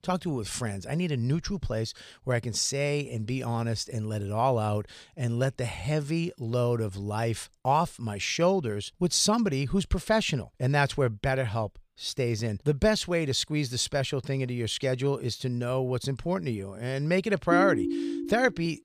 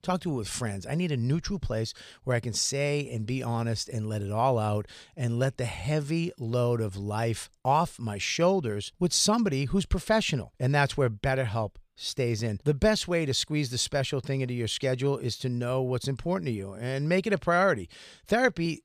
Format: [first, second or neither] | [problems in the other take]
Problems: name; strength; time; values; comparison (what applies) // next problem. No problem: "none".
second | phone ringing; loud; at 18 s; peak 1 dB above the speech